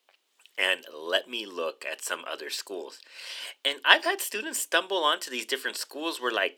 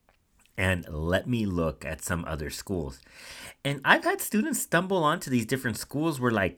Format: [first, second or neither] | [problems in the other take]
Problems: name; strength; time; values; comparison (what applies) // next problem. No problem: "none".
second | thin; very; fading below 350 Hz